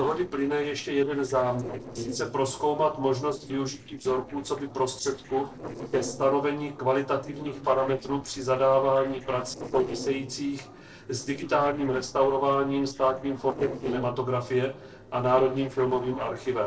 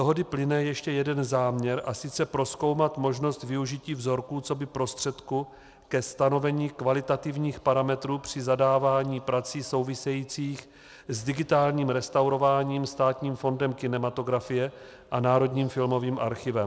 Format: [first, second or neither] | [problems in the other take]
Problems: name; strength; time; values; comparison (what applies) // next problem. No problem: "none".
second | noise reduction (neural separator model SepFormer DNS4)